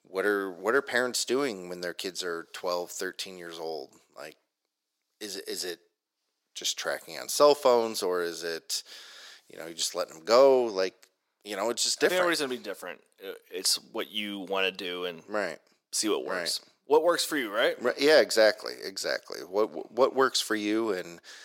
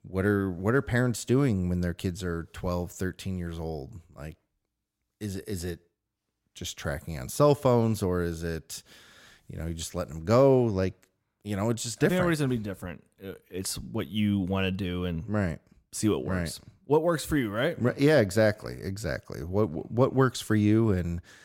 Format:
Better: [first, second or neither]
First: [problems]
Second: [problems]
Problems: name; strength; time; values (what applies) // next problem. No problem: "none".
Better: second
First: thin; very; fading below 400 Hz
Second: none